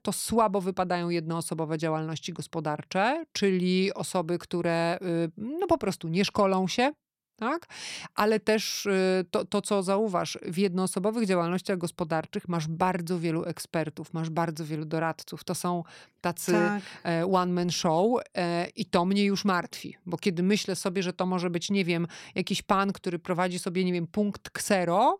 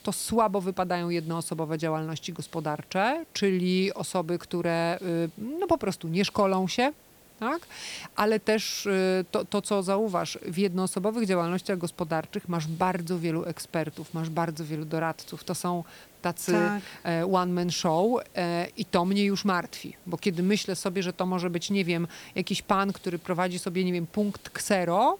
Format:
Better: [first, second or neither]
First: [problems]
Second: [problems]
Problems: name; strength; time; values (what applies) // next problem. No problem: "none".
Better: first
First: none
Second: hiss; faint; throughout; 25 dB below the speech